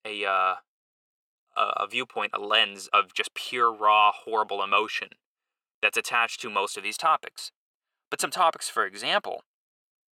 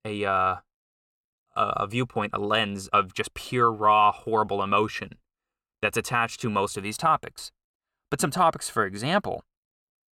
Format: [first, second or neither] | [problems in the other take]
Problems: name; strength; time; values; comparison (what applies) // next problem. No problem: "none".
second | thin; very; fading below 450 Hz